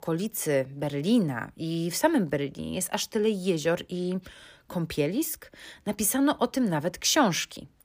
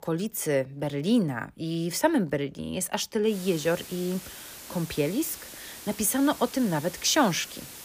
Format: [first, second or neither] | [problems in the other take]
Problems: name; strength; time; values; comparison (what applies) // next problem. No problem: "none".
first | hiss; noticeable; from 3.5 s on; 15 dB below the speech